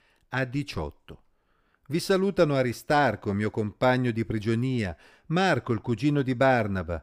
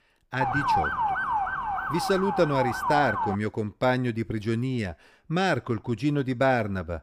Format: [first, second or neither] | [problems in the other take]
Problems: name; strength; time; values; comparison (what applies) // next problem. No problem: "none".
first | siren; loud; until 3.5 s; peak 3 dB above the speech